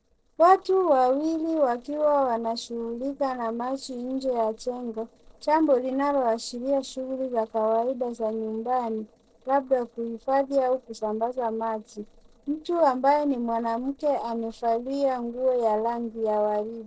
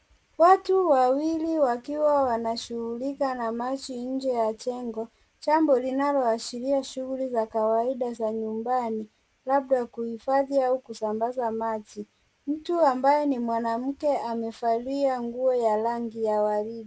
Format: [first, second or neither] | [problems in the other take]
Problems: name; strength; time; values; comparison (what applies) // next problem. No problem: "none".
second | noise reduction (neural separator model SepFormer DNS4)